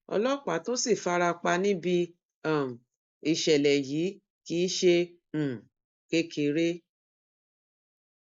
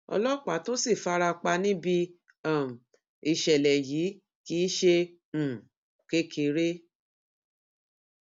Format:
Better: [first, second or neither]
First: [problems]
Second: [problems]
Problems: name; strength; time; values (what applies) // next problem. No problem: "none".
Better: second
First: noise reduction (neural mask model Resemble Enhance denoiser)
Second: none